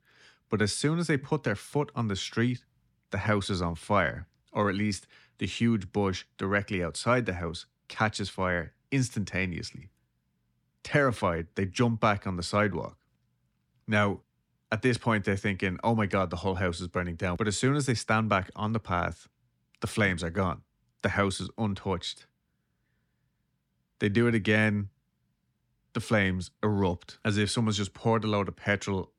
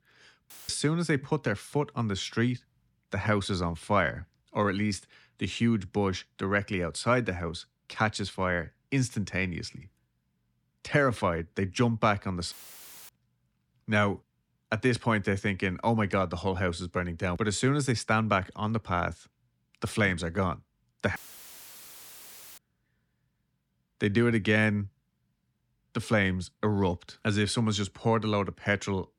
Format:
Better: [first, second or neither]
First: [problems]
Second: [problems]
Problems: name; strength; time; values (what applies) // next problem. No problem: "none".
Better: first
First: none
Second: audio cutting out; filled with static; at 0.5 s, at 13 s for 0.5 s and at 21 s for 1.5 s